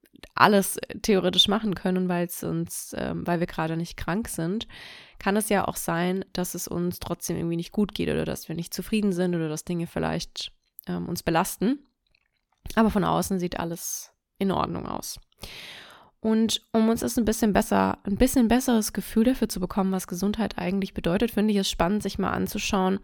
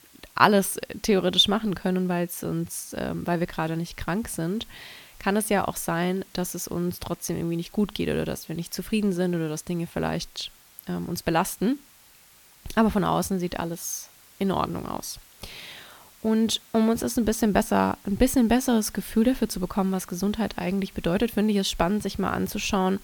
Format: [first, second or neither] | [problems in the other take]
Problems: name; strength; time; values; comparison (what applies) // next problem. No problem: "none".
first | hiss; faint; throughout; 25 dB below the speech